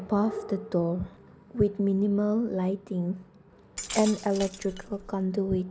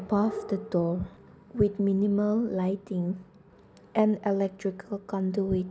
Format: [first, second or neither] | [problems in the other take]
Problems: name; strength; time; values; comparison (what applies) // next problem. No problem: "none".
second | background sound (Glass); 12 dB below the speech